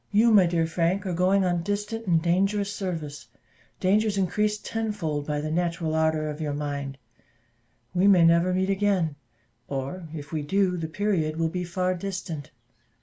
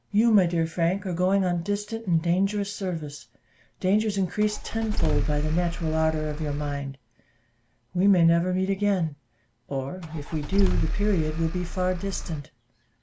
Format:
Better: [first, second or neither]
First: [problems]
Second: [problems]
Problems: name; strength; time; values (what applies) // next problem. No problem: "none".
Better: first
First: none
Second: background sound (Engine starting / Car); as loud as the speech